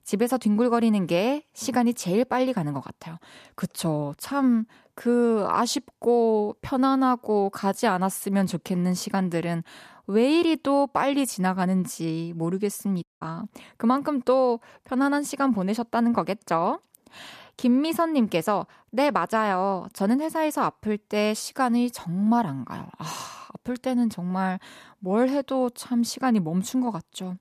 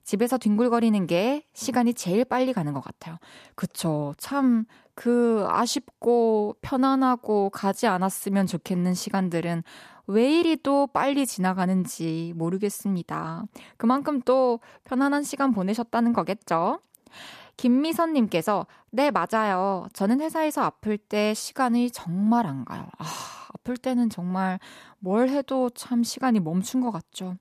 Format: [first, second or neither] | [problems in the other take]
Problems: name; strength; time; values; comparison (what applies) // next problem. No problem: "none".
second | audio cutting out; at 13 s